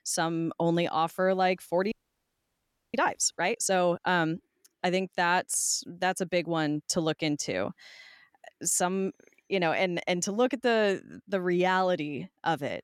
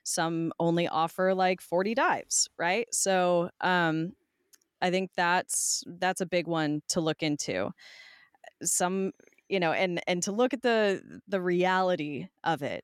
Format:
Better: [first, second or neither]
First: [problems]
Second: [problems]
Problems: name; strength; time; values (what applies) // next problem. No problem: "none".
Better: second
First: audio freezing; at 2 s for 1 s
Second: none